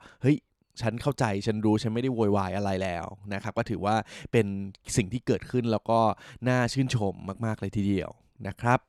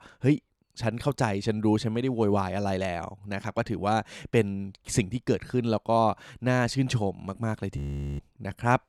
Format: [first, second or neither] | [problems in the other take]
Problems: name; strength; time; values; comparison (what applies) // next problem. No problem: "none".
first | audio freezing; at 8 s